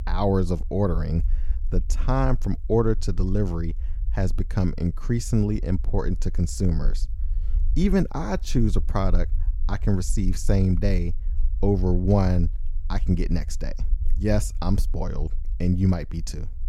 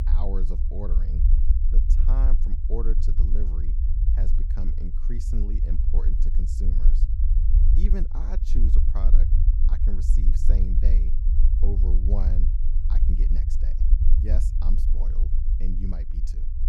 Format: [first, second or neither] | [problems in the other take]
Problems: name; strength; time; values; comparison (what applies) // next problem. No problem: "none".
first | low rumble; loud; throughout; 3 dB below the speech; faint in the first